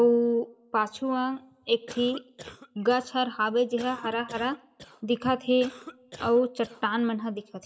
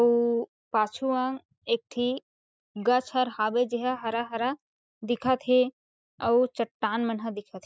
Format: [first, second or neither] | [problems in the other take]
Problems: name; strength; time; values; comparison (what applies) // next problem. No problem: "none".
second | background sound (Cough); 19 dB below the speech // room echo; dies away in 0.3 s